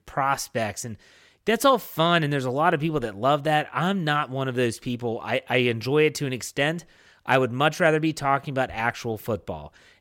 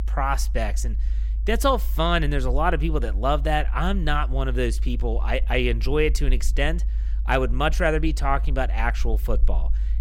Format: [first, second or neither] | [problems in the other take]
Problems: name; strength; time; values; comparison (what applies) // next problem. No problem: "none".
first | low rumble; faint; throughout; 25 dB below the speech